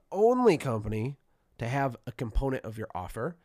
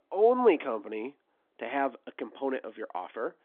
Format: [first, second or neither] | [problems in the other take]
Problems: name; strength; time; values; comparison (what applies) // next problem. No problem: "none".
first | phone-call audio